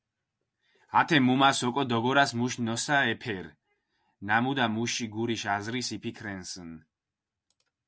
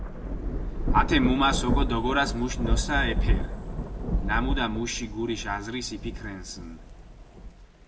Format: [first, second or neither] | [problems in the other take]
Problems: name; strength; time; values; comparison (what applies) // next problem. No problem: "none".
first | background sound (Thunder / Rain); 1 dB above the speech // room echo; dies away in 1.3 s